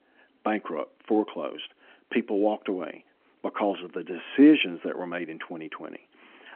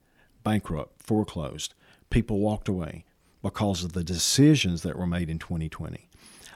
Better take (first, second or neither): second